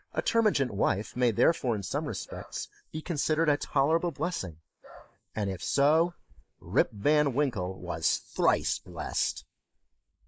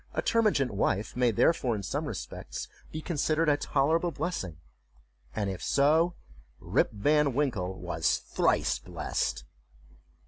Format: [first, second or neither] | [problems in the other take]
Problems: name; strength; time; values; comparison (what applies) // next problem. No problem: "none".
second | noise reduction (neural mask model Resemble Enhance denoiser)